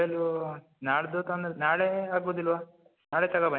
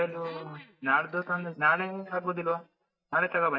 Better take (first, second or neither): first